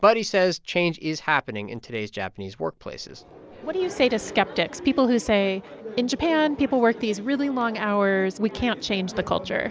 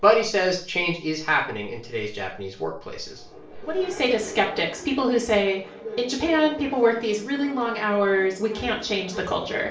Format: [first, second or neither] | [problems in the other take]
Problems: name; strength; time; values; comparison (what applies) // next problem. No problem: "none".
first | room echo; dies away in 0.4 s